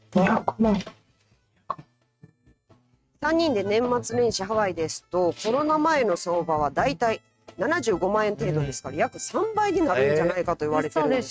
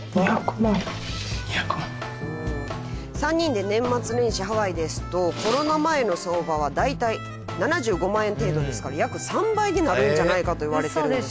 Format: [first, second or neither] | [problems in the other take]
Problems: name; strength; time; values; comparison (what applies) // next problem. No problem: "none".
second | noise reduction (neural mask model RNNoise)